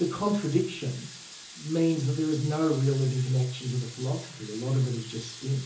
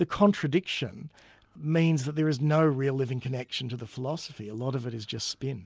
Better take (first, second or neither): second